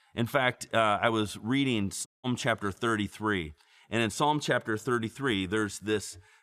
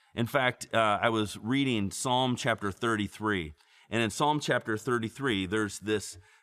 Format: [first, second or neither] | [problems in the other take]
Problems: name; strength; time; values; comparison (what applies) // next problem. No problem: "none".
second | audio cutting out; at 2 s